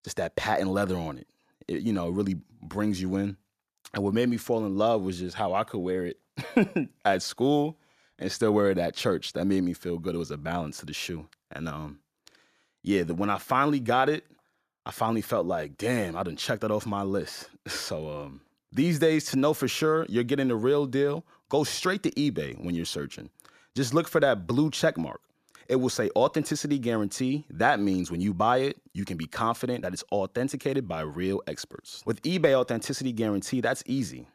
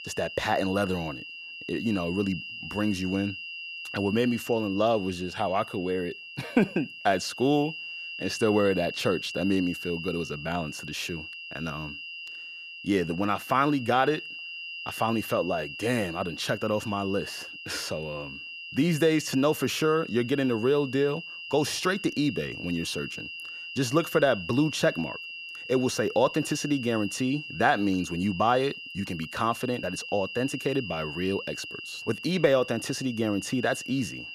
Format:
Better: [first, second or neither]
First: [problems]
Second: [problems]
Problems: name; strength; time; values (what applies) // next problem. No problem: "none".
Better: first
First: none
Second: high-pitched whine; loud; throughout; 3 kHz, 9 dB below the speech